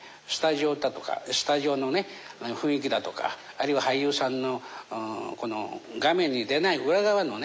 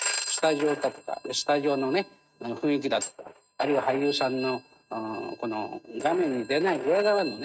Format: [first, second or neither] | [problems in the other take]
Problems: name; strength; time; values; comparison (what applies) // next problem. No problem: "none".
first | noise reduction (neural mask model RNNoise)